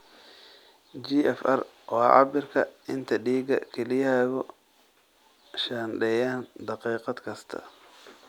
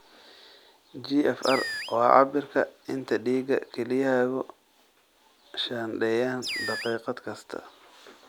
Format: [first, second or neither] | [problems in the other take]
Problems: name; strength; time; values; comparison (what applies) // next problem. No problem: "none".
first | background sound (Animal); 9 dB below the speech